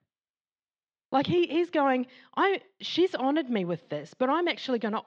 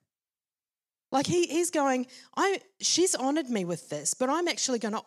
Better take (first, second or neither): second